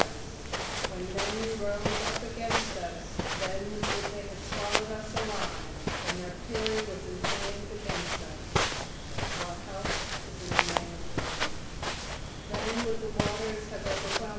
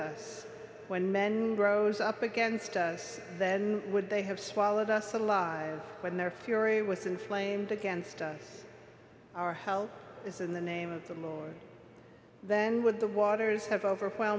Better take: second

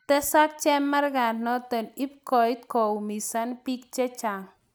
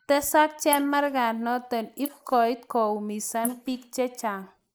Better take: first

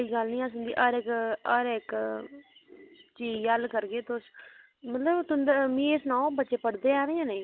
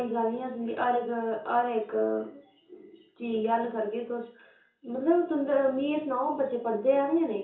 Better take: first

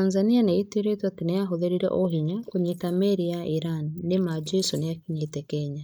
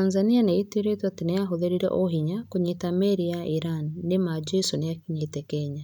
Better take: second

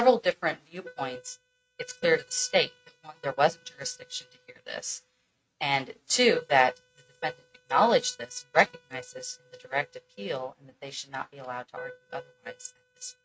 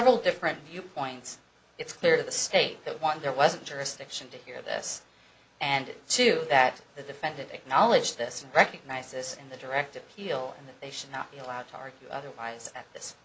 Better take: second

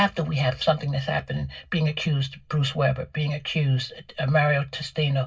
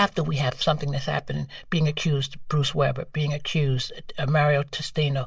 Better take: second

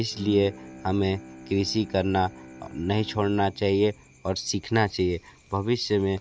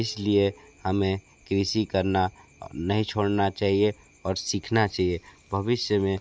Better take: second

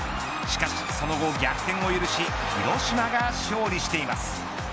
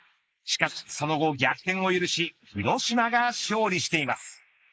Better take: first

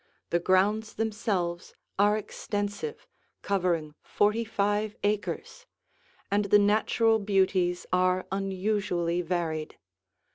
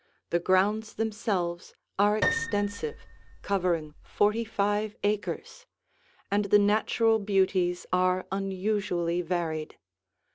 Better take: first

